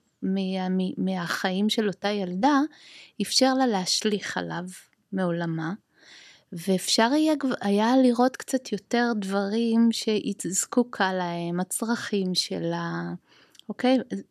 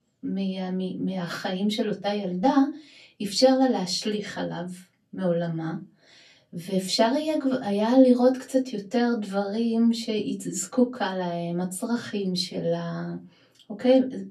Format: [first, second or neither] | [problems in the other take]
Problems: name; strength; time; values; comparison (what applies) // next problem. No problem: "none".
first | off-mic speech; far // room echo; very slight; dies away in 0.2 s